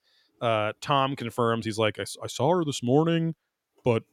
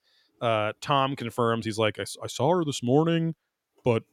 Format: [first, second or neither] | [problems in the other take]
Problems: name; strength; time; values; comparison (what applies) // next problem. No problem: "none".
neither | none